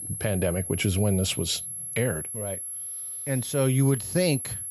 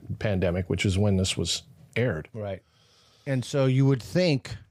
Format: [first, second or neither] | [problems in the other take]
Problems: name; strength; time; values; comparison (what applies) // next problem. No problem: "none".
second | high-pitched whine; loud; throughout; 11 kHz, 6 dB below the speech